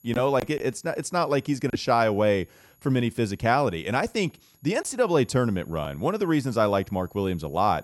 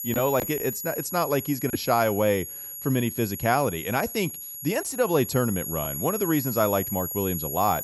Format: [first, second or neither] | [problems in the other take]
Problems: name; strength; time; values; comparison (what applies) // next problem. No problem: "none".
first | high-pitched whine; loud; throughout; 11.5 kHz, 6 dB below the speech; faint in the first